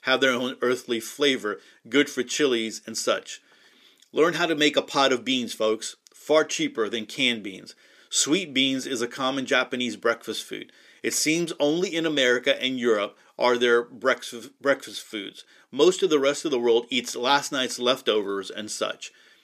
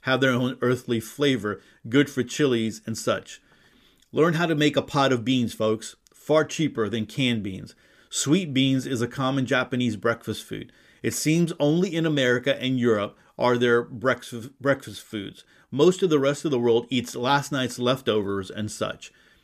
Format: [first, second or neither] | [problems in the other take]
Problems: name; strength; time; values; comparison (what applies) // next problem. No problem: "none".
second | thin; very slightly; fading below 350 Hz